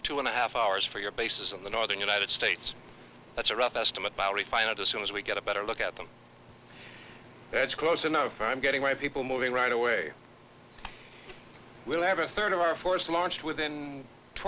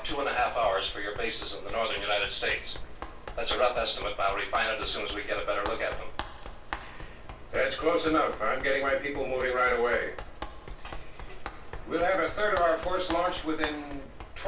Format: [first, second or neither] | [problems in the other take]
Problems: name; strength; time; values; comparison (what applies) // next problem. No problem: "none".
first | background sound (Run); 10 dB below the speech // room echo; dies away in 0.3 s